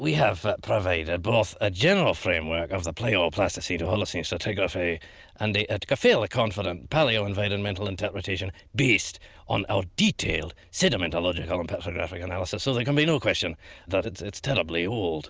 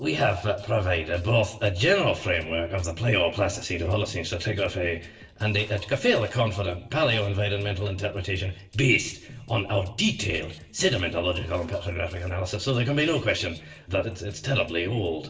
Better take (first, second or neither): first